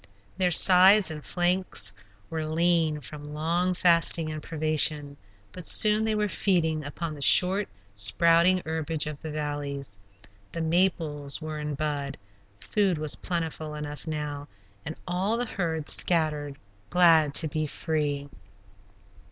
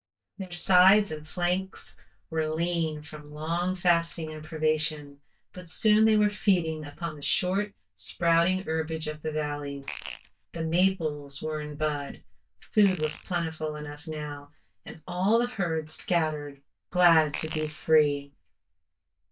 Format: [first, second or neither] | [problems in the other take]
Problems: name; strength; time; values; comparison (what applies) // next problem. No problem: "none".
first | noise reduction (neural mask model DeepFilterNet 3)